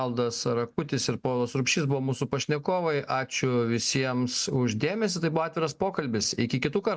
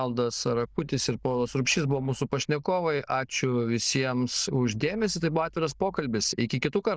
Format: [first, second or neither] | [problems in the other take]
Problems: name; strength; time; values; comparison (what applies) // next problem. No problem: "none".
first | noise reduction (neural diffusion model UNIVERSE++)